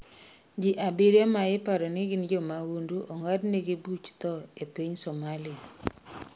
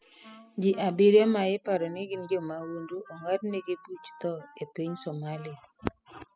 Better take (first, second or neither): first